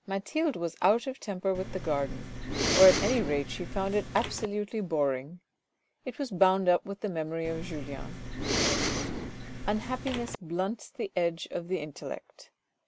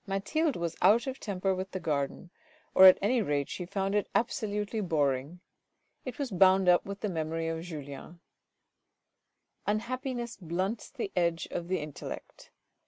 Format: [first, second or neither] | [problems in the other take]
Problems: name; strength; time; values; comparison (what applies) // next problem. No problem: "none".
second | background sound (Respiratory sounds); 3 dB below the speech